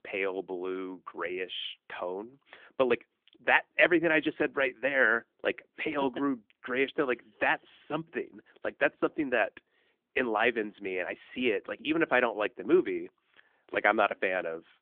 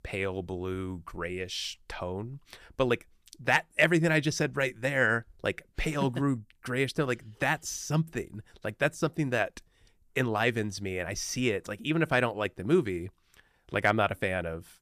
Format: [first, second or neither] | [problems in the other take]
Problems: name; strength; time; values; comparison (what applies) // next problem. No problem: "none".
second | phone-call audio